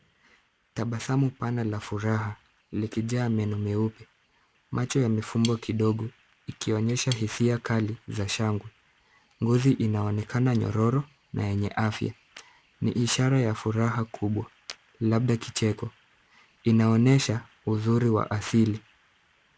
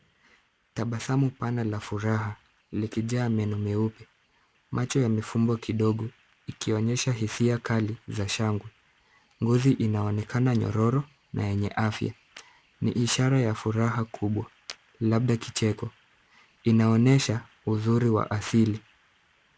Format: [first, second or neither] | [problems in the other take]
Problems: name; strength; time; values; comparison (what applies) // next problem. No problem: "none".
second | background sound (Cutlery, silverware / Tap); 16 dB below the speech